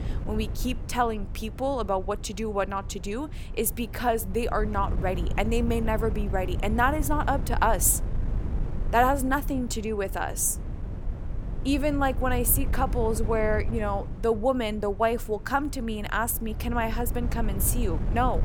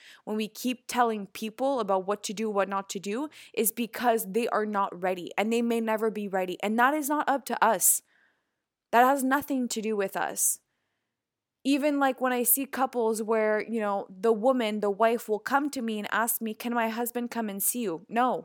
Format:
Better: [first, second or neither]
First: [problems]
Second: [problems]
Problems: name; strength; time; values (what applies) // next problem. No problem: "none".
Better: second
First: wind noise on the microphone; occasional gusts; 15 dB below the speech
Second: none